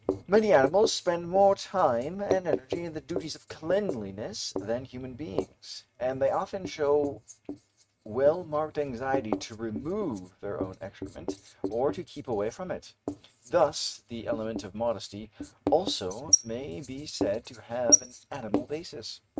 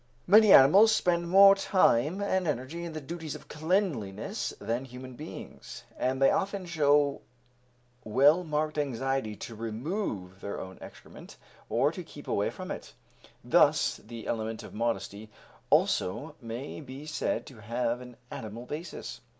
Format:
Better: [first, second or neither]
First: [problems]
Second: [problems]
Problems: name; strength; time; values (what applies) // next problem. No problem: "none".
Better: second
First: noise reduction (neural mask model RNNoise)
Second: none